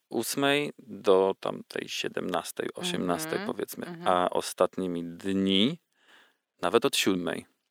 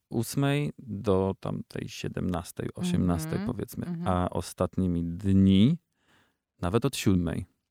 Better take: second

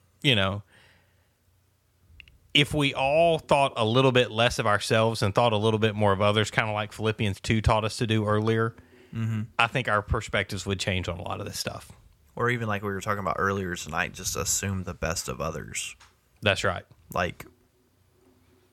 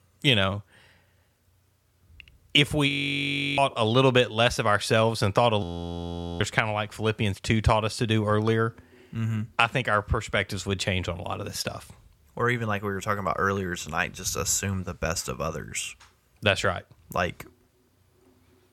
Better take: first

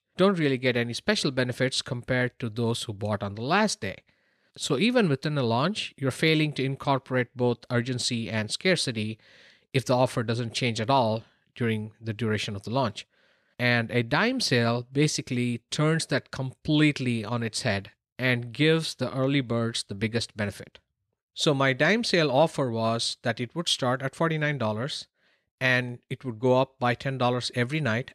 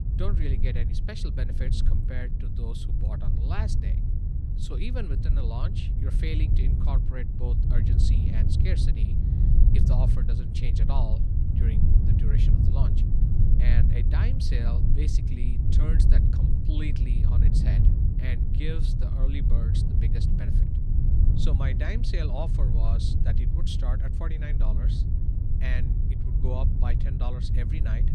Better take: first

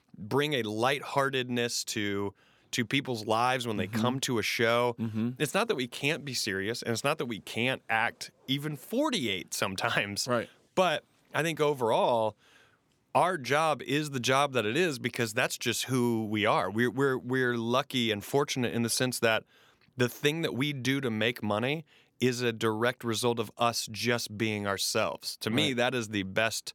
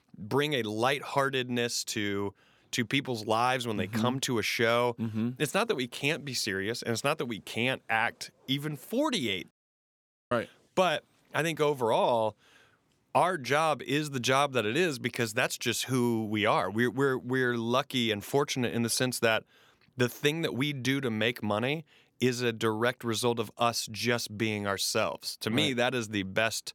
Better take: first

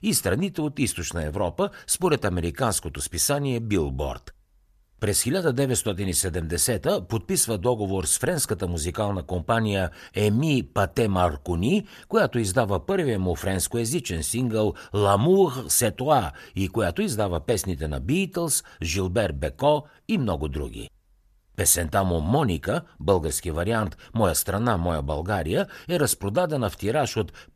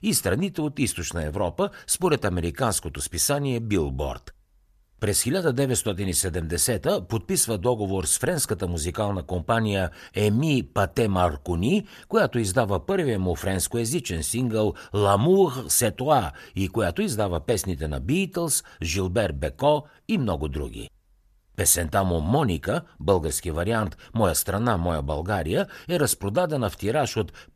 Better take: neither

